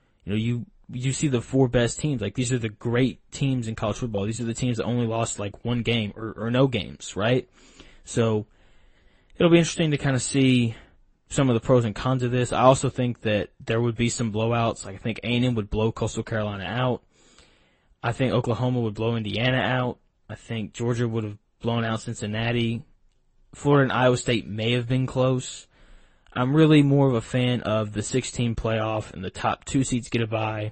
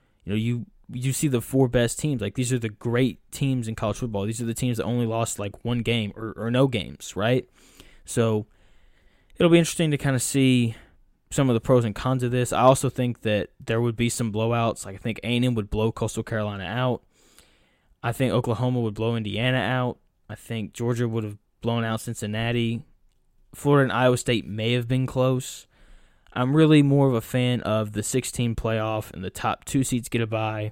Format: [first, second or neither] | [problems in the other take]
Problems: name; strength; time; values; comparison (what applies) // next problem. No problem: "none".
second | garbled, watery; slightly; nothing above 8 kHz